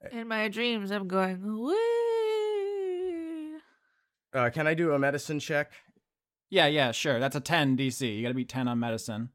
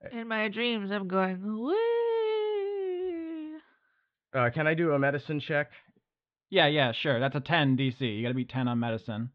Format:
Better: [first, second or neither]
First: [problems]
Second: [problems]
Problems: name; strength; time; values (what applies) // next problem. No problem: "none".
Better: first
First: none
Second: muffled; slightly; fading above 3.5 kHz